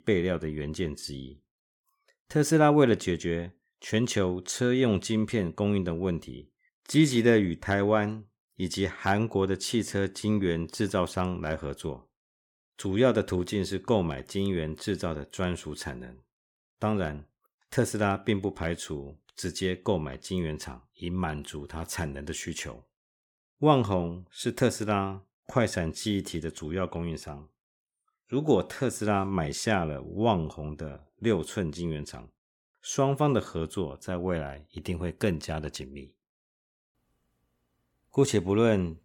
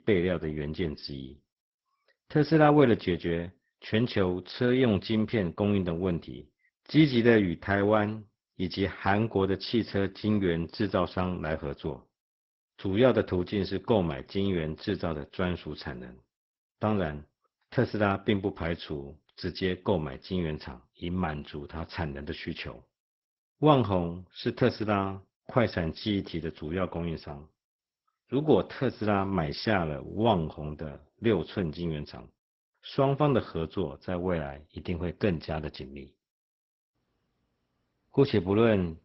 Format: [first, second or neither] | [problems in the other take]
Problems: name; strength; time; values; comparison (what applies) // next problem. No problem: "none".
first | garbled, watery; badly; nothing above 5.5 kHz